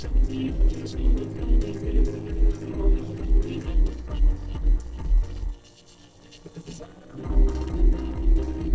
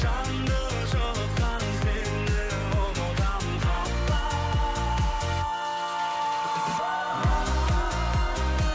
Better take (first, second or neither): second